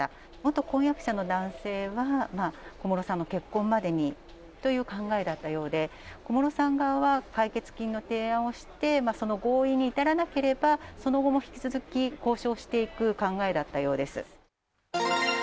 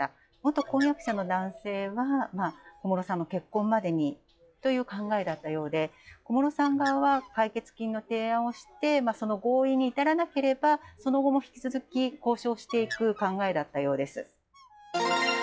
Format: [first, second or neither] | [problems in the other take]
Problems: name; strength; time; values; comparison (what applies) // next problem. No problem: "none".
first | noise reduction (classical method log-MMSE)